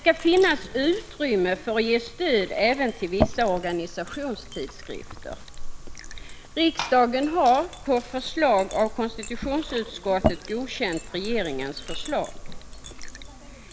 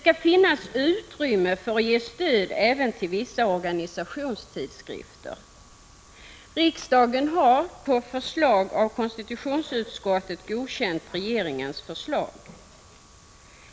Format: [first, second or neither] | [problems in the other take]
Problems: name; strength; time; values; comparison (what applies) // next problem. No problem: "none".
second | background sound (Fill (with liquid) / Glass + Chink, clink); 9 dB below the speech